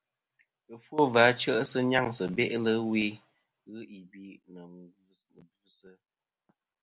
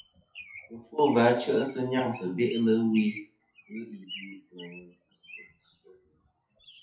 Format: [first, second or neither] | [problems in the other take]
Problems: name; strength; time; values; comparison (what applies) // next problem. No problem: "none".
first | noise reduction (classical method WPE with log-MMSE)